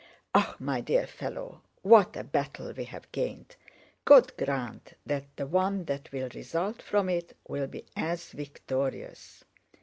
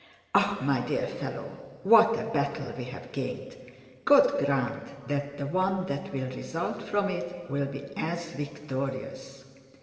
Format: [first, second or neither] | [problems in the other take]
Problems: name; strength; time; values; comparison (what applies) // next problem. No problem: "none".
first | room echo; dies away in 2.9 s